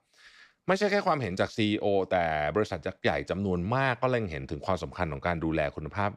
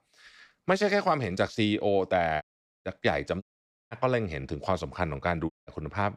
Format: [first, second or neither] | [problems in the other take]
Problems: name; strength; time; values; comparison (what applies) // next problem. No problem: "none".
first | audio cutting out; at 2.5 s, at 3.5 s and at 5.5 s